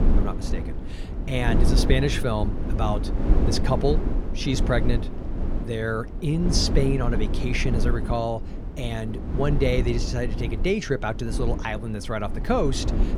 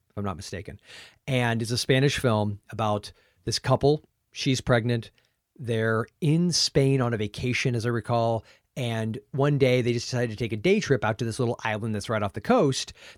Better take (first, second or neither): second